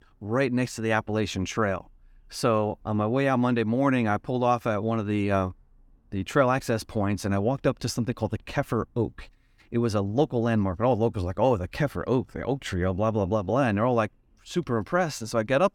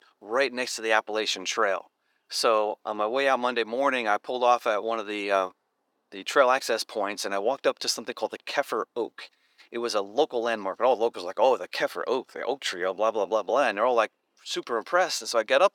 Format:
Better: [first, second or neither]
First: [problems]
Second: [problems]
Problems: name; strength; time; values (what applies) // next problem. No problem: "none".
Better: first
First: none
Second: thin; very; fading below 450 Hz